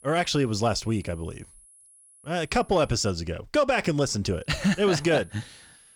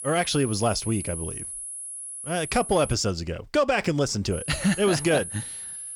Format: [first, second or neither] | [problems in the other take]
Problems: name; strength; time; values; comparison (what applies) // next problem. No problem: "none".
first | high-pitched whine; loud; until 3 s and from 4.5 s on; 10.5 kHz, 9 dB below the speech; faint in the first